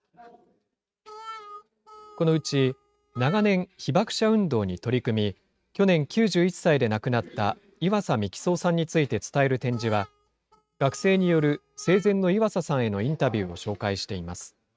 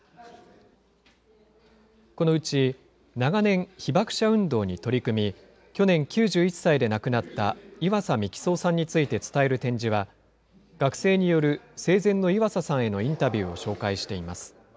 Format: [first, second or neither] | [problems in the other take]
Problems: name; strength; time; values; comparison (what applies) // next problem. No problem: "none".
second | noise reduction (neural mask model RNNoise)